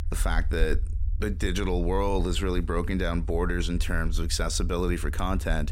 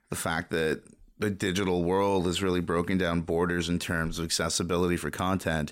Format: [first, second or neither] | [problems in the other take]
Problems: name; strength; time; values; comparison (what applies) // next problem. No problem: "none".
second | low rumble; faint; throughout; 20 dB below the speech